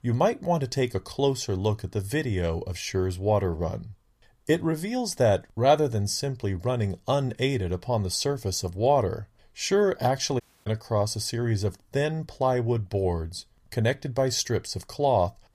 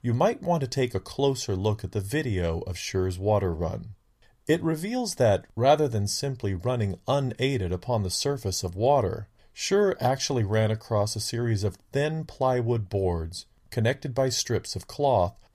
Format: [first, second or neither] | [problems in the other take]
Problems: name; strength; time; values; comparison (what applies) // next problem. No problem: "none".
second | audio cutting out; at 10 s